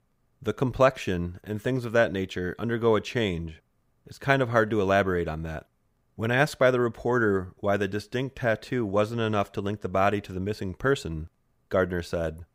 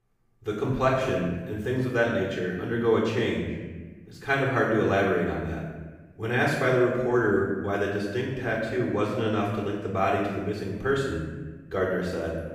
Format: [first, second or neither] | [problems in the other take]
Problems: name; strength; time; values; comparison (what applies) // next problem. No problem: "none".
first | off-mic speech; far // room echo; noticeable; dies away in 1.2 s